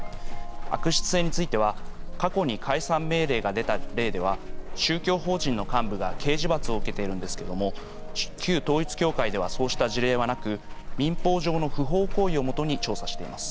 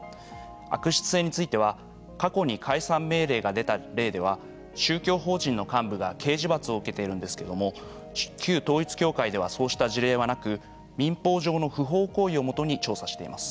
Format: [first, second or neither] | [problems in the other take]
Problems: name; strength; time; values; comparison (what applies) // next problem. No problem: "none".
second | background sound (Walk, footsteps); 2 dB below the speech